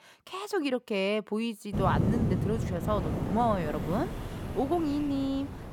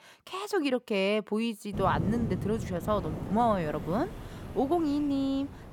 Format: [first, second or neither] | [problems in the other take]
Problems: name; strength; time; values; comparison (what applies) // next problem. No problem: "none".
second | wind noise on the microphone; heavy; from 1.5 s on; 7 dB below the speech; occasional gusts in the second